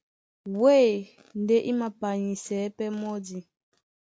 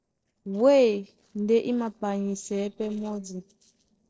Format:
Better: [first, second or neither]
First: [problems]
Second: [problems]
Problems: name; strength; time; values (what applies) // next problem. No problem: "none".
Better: first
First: none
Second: noise reduction (neural separator model SepFormer DNS4)